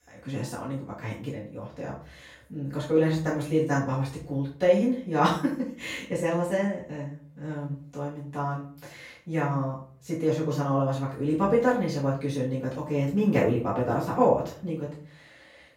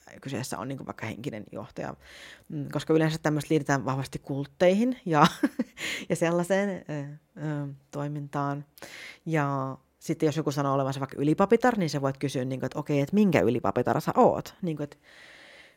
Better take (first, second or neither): second